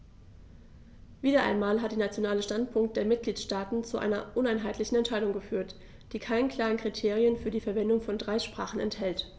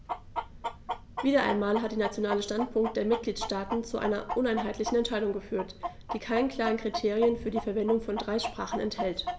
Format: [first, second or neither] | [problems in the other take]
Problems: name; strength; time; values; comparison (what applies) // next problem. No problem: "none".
first | background sound (Chicken, rooster); 8 dB below the speech